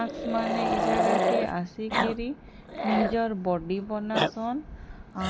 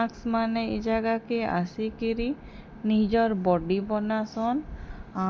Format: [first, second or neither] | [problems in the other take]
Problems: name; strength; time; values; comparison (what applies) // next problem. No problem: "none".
second | background sound (Growling); 1 dB above the speech